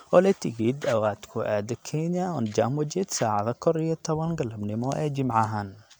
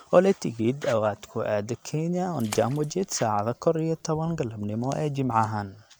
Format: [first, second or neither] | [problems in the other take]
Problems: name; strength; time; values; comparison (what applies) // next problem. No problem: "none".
first | background sound (Splash, splatter); 19 dB below the speech